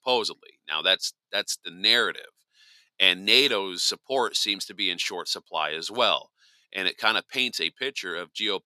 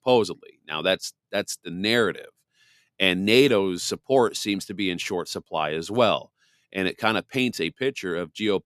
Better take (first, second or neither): second